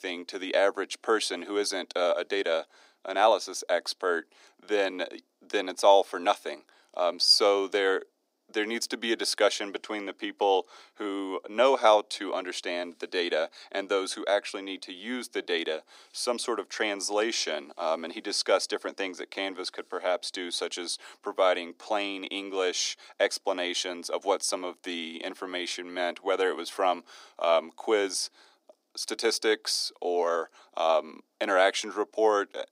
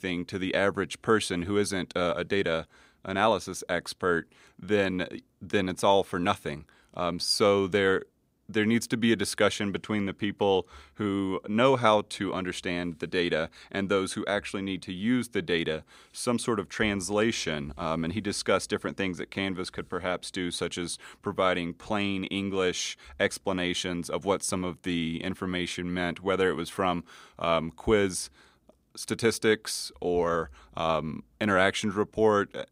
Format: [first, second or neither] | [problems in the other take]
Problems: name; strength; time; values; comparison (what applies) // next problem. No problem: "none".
second | thin; somewhat; fading below 300 Hz